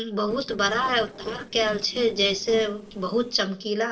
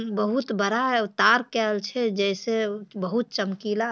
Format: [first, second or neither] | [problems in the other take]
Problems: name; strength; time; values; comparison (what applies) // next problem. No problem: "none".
second | noise reduction (neural separator model SepFormer DNS4)